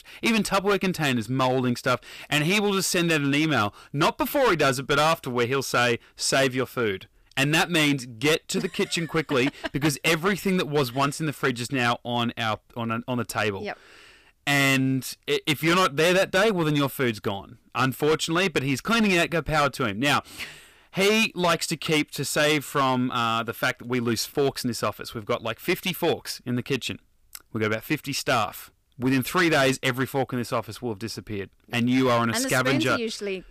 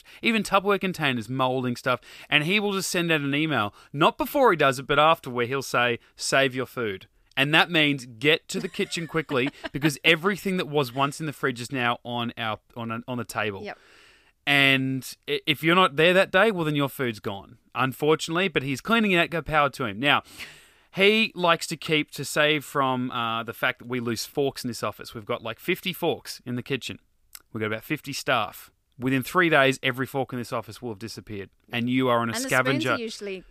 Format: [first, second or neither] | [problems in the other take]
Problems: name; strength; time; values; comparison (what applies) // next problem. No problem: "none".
second | distortion; heavy; 8% of the sound clipped